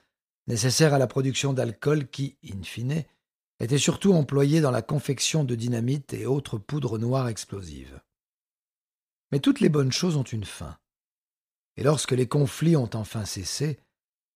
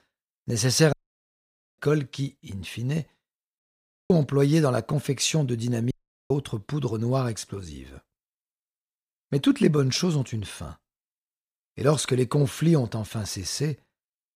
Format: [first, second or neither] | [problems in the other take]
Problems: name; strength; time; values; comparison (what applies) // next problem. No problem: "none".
first | audio cutting out; at 1 s for 1 s, at 3.5 s for 0.5 s and at 6 s